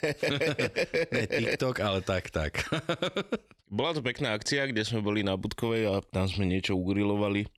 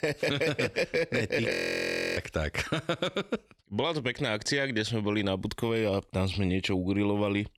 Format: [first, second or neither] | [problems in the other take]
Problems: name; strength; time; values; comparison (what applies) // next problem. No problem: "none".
first | audio freezing; at 1.5 s for 0.5 s